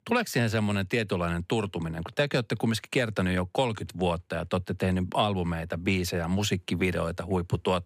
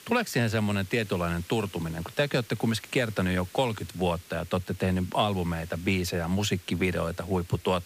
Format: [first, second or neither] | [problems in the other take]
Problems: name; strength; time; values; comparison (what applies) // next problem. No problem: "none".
first | hiss; noticeable; throughout; 20 dB below the speech